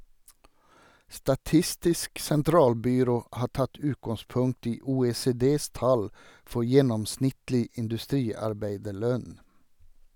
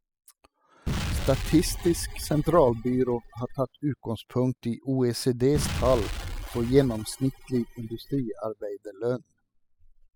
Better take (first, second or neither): first